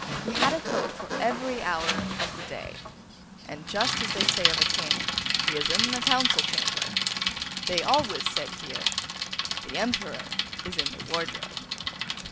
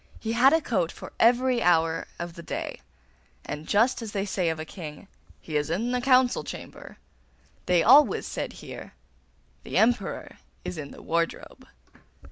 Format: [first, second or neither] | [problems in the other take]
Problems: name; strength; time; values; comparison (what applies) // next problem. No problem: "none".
second | background sound (Bicycle); 4 dB above the speech